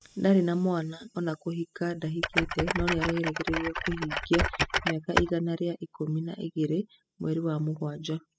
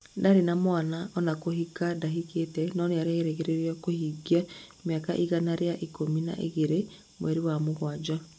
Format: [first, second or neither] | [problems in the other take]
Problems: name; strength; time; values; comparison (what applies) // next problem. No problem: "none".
second | noise reduction (classical method spectral subtraction)